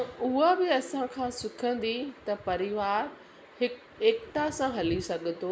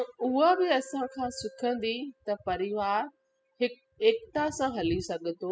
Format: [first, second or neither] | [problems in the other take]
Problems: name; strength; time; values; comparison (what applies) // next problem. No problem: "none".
first | noise reduction (classical method spectral subtraction)